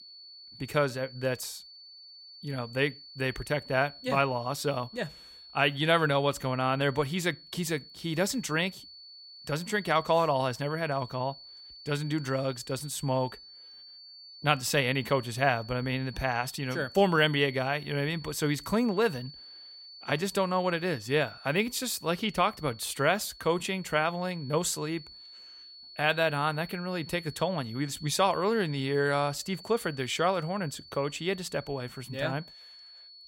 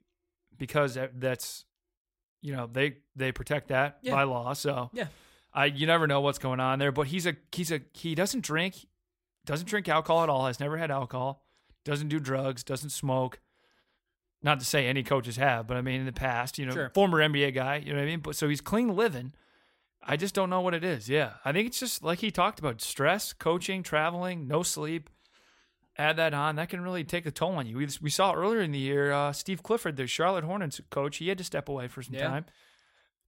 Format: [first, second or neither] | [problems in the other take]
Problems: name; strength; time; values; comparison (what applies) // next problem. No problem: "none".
second | high-pitched whine; noticeable; throughout; 4.5 kHz, 15 dB below the speech